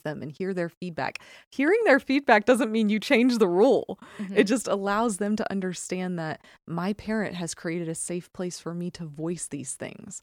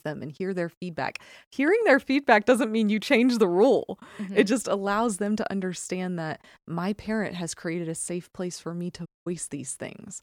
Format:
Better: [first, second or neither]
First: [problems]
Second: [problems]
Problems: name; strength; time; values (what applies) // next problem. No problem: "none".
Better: first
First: none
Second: audio cutting out; at 9 s